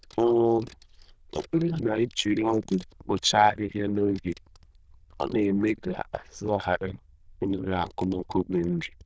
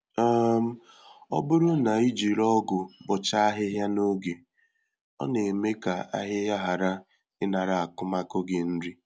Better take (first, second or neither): second